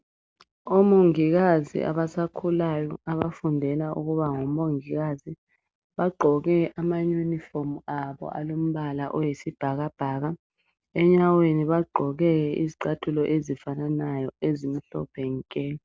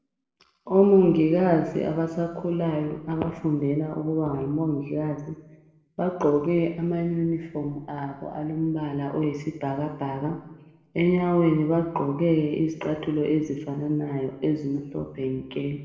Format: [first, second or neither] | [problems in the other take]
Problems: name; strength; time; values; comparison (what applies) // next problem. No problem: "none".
first | room echo; dies away in 0.9 s